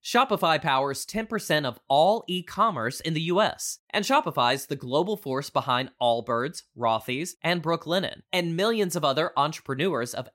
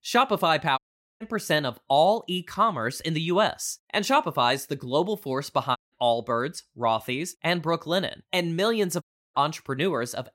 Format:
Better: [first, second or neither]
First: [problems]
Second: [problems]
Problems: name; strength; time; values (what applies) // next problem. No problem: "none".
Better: first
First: none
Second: audio cutting out; at 1 s, at 6 s and at 9 s